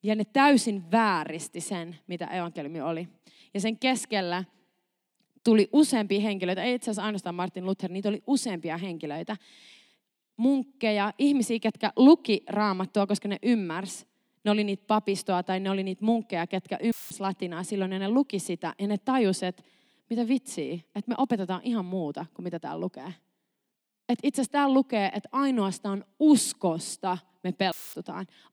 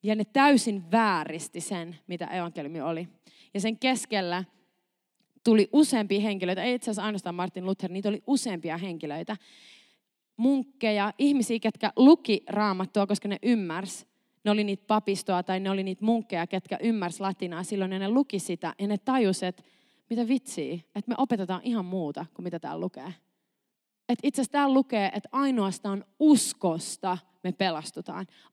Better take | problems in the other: second | audio cutting out; filled with static; at 17 s and at 28 s

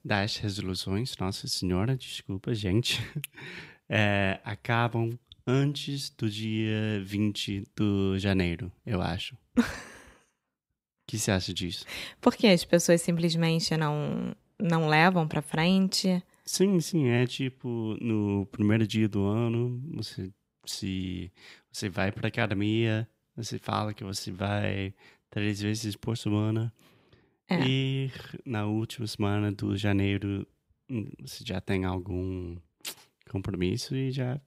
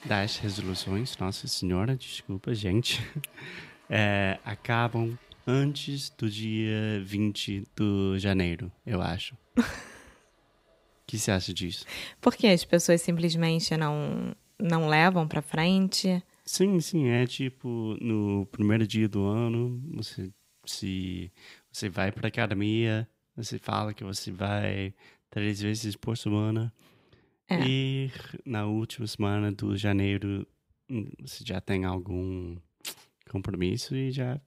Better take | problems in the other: first | household noises; faint; until 22 s; 30 dB below the speech

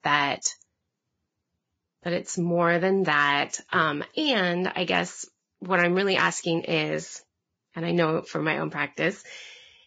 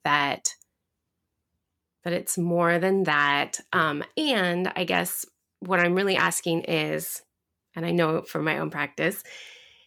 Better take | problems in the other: second | garbled, watery; badly; nothing above 7.5 kHz

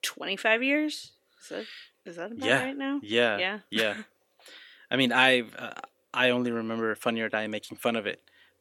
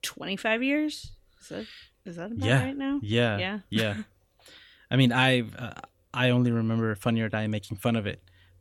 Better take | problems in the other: second | thin; somewhat; fading below 350 Hz

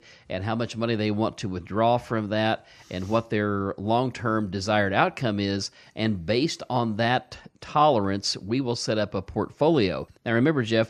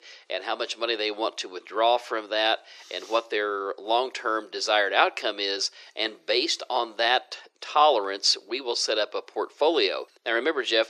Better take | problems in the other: first | thin; very; fading below 350 Hz

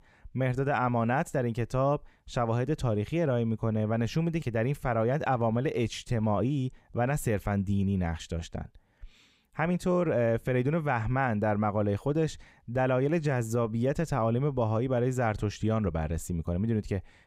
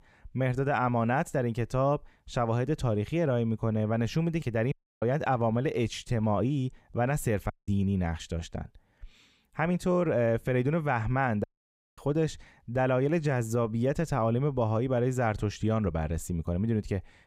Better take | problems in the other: first | audio cutting out; at 4.5 s, at 7.5 s and at 11 s for 0.5 s

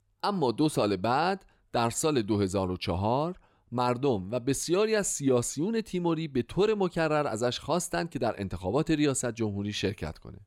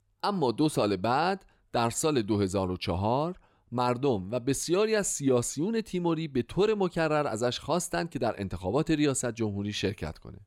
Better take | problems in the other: neither | none

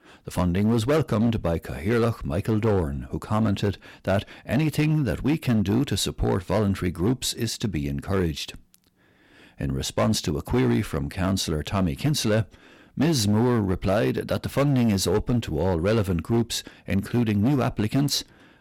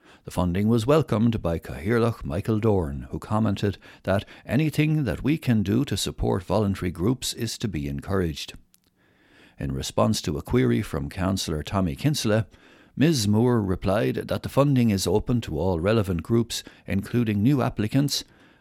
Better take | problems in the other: second | distortion; slight; 8% of the sound clipped

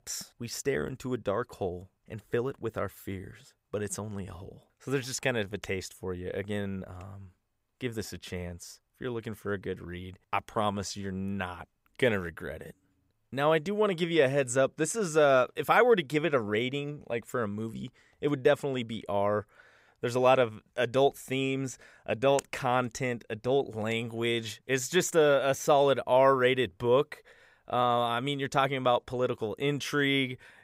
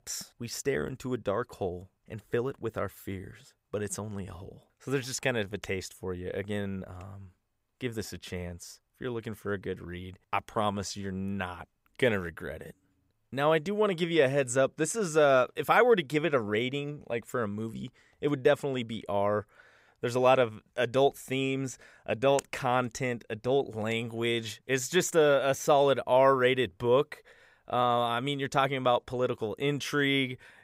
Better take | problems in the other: neither | none

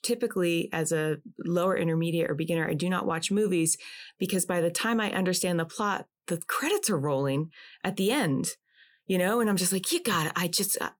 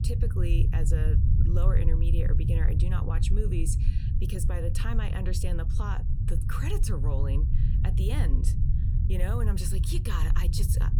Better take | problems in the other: first | low rumble; loud; throughout; 4 dB below the speech

